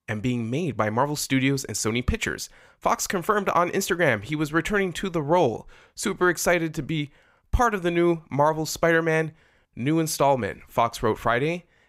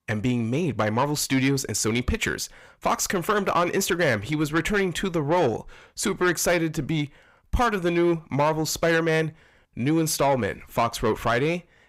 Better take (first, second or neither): first